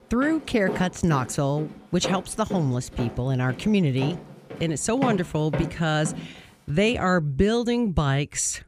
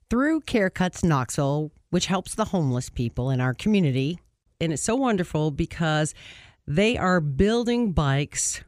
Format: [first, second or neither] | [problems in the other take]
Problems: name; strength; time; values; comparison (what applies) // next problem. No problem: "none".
second | footsteps; noticeable; until 7 s; peak 6 dB below the speech